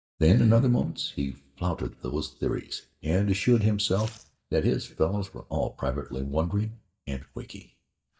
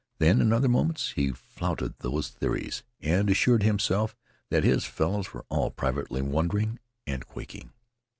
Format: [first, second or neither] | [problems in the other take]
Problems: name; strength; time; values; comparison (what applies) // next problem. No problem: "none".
second | noise reduction (neural mask model DeepFilterNet 3)